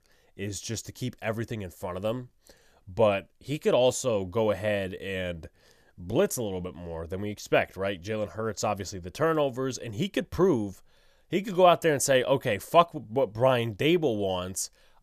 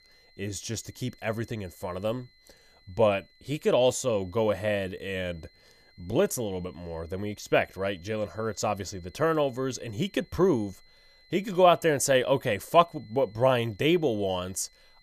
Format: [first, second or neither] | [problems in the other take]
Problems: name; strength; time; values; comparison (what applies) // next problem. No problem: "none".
first | high-pitched whine; faint; throughout; 4 kHz, 30 dB below the speech